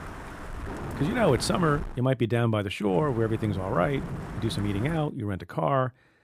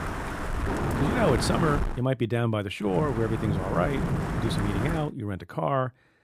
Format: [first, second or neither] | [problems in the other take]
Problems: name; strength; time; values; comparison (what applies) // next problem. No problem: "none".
first | wind noise on the microphone; heavy; until 2 s and from 3 to 5 s; 3 dB below the speech; occasional gusts in the first